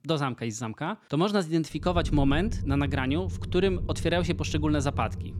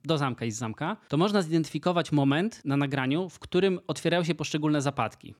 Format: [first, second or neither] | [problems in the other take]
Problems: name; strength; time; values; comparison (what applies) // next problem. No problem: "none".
second | low rumble; noticeable; from 2 s on; 15 dB below the speech